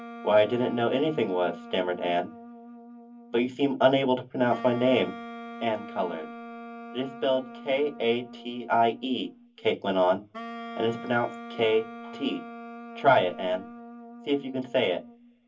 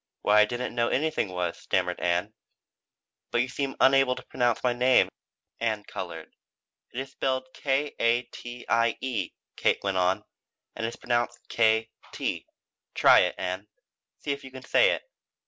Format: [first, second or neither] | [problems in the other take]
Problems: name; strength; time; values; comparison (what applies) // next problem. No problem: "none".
second | background sound (Wind instrument, woodwind instrument); 14 dB below the speech // room echo; dies away in 0.3 s